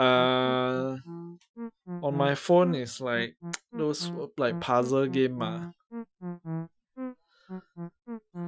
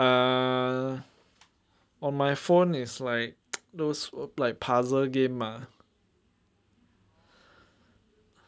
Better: second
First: noise reduction (classical method Wiener filter)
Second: none

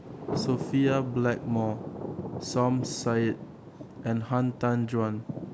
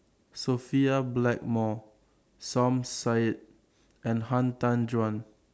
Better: second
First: background sound (Thunder); 8 dB below the speech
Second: none

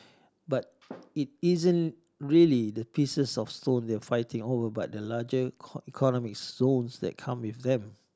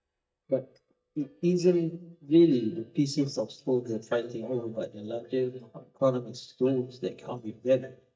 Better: first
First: none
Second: noise reduction (neural mask model DeepFilterNet 3)

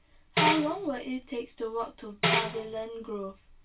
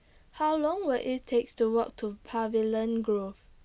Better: second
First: background sound (Tambourine); 1 dB above the speech // room echo; dies away in 0.2 s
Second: none

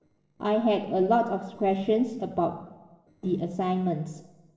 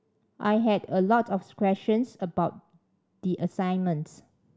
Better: second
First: noise reduction (neural separator model SepFormer DNS4)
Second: none

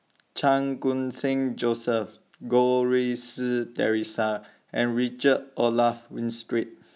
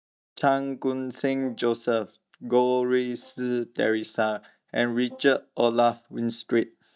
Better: first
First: none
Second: noise reduction (neural mask model DeepFilterNet 3)

